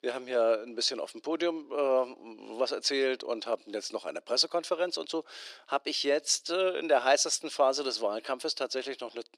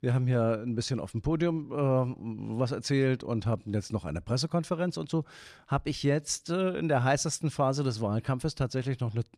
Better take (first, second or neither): second